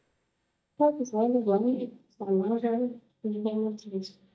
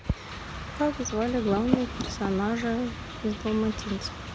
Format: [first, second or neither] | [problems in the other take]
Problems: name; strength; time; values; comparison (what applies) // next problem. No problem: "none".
second | noise reduction (neural mask model DeepFilterNet 3)